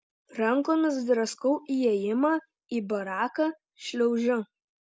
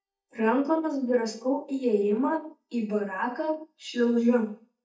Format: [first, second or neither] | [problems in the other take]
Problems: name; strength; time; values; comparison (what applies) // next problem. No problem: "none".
first | noise reduction (neural mask model DeepFilterNet 3)